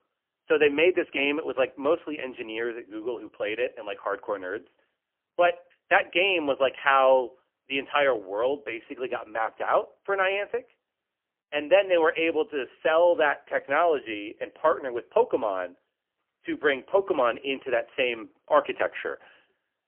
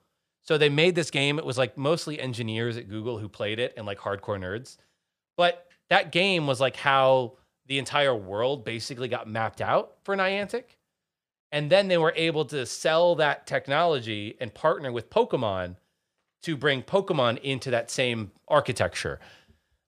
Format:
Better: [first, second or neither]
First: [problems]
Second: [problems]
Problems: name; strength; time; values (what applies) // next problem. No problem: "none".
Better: second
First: phone-call audio; poor line; nothing above 3 kHz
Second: none